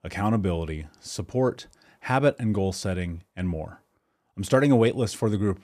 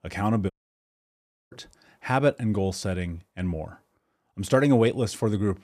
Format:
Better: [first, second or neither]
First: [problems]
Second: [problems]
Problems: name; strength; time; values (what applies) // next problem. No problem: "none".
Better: first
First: none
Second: audio cutting out; at 0.5 s for 1 s